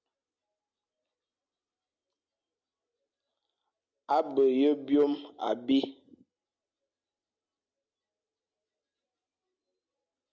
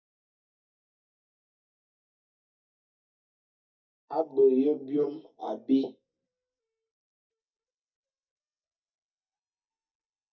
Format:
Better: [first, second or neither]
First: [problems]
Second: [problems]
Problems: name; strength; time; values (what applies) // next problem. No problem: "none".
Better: first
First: none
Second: noise reduction (neural mask model DeepFilterNet 3)